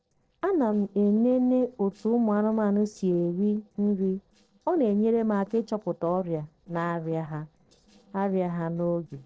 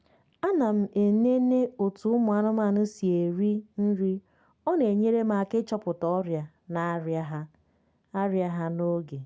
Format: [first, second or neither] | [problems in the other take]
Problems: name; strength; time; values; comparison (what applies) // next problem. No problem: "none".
second | noise reduction (neural separator model SepFormer DNS4)